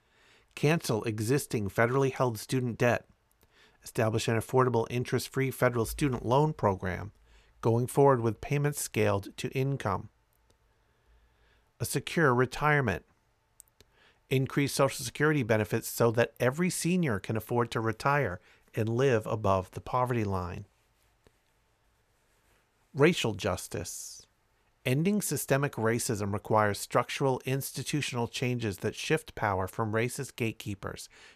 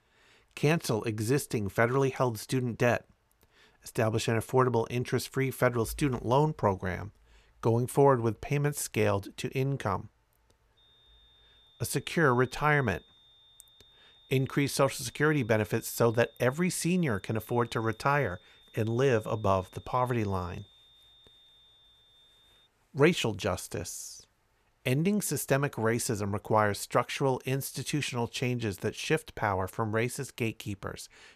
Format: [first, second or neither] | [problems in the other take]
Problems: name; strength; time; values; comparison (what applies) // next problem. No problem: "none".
first | high-pitched whine; faint; from 11 to 23 s; 3.5 kHz, 30 dB below the speech